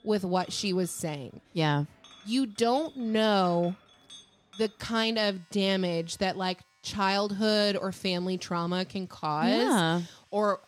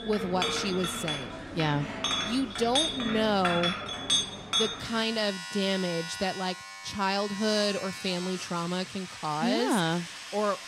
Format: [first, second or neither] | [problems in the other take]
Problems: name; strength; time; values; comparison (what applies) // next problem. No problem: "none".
first | household noises; loud; throughout; 2 dB below the speech; faint in the first